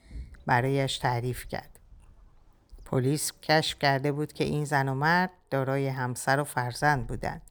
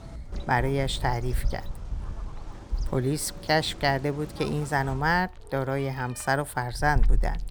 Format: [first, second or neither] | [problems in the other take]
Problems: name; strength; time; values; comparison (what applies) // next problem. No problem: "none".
first | animal sounds; loud; throughout; 8 dB below the speech; faint in the first